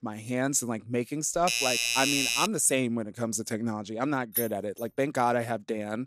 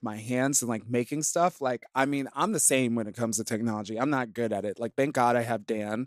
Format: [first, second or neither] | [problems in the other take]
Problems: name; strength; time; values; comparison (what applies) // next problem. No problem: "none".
second | doorbell; loud; from 1.5 to 2.5 s; peak 4 dB above the speech // jangling keys; noticeable; at 4.5 s; peak 3 dB below the speech